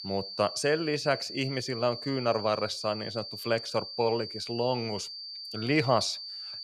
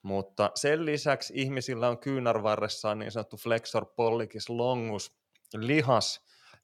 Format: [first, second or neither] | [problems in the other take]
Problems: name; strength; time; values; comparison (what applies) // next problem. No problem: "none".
second | high-pitched whine; loud; throughout; 4.5 kHz, 8 dB below the speech